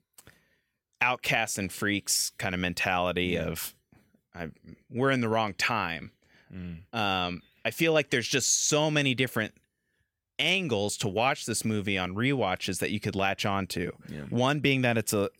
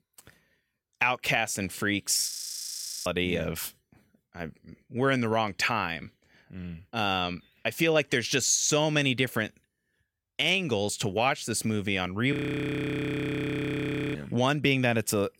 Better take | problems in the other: first | audio freezing; at 2.5 s for 1 s and at 12 s for 2 s

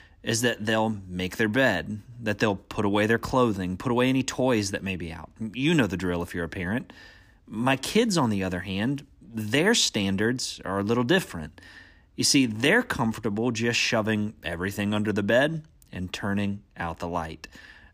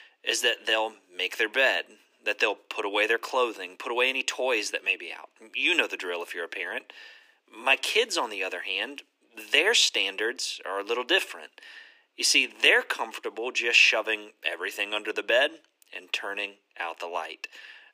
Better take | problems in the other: first | thin; very; fading below 350 Hz

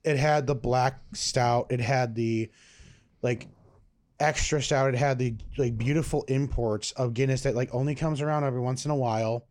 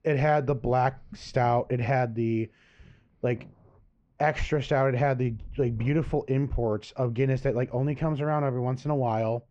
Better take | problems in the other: first | muffled; very; fading above 2.5 kHz

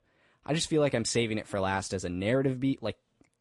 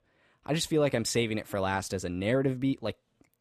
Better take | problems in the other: second | garbled, watery; slightly

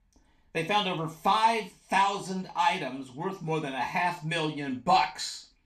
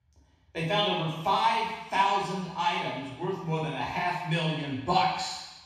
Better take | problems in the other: first | room echo; strong; dies away in 1.1 s; slight in the first // off-mic speech; far; far in the first

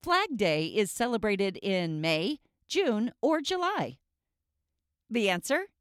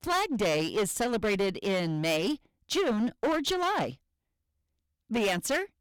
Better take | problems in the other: first | distortion; heavy; 16% of the sound clipped

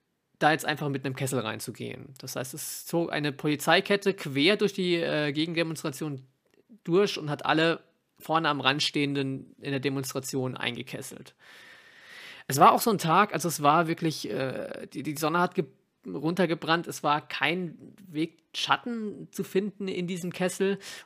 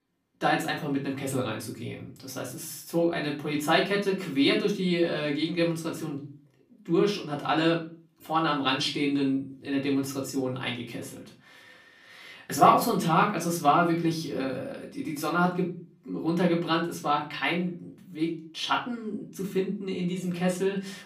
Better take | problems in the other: first | off-mic speech; far // room echo; slight; dies away in 0.3 s

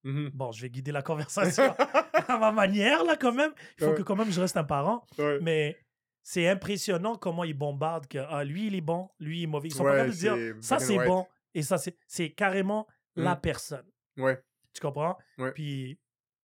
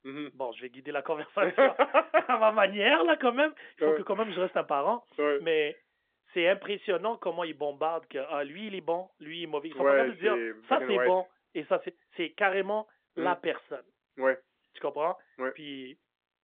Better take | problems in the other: first | phone-call audio; nothing above 3.5 kHz

